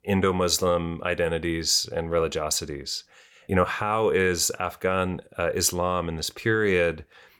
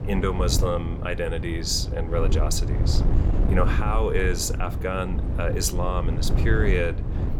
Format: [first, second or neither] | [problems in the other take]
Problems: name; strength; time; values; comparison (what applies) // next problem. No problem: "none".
first | wind noise on the microphone; heavy; 9 dB below the speech